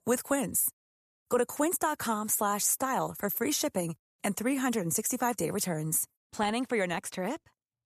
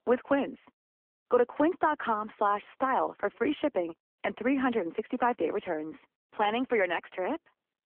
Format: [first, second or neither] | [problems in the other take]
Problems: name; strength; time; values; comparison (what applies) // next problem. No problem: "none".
first | phone-call audio; nothing above 3 kHz